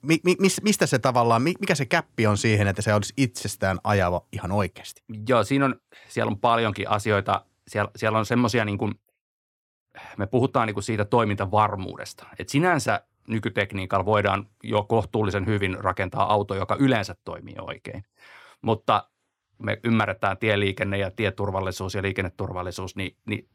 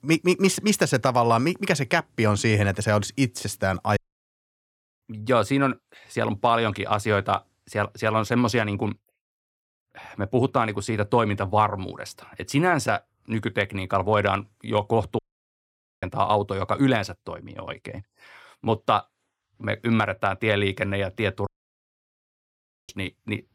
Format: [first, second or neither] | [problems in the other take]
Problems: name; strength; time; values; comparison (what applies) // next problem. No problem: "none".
first | audio cutting out; at 4 s for 1 s, at 15 s for 1 s and at 21 s for 1.5 s